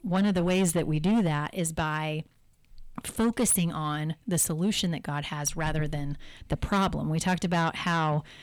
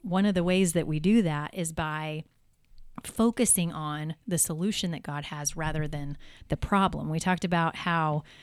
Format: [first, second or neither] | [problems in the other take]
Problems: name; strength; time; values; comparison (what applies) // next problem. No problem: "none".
second | distortion; slight; 10 dB below the speech